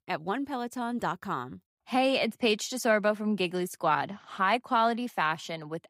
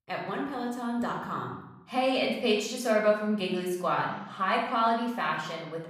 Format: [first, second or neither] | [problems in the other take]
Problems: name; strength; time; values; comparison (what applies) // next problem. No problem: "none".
first | off-mic speech; somewhat distant // room echo; noticeable; dies away in 0.7 s